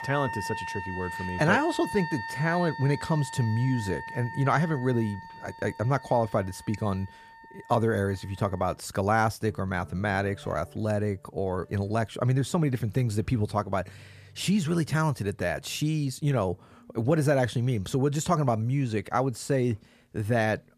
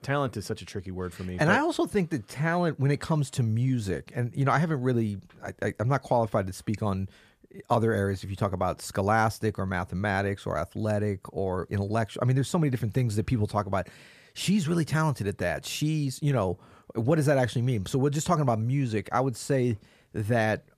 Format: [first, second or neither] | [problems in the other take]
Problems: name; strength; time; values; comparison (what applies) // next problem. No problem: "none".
second | background music; noticeable; throughout; 10 dB below the speech